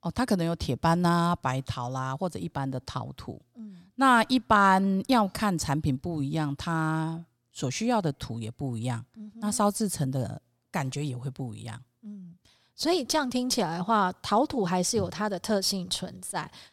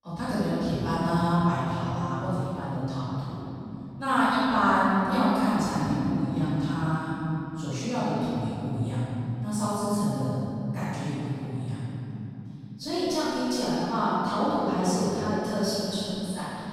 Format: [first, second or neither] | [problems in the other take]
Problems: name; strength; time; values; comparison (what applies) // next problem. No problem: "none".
first | off-mic speech; far // room echo; strong; dies away in 3 s